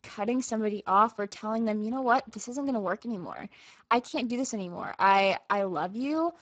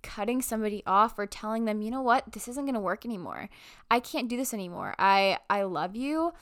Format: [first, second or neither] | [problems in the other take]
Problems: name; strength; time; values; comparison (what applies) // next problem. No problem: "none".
second | garbled, watery; badly; nothing above 7.5 kHz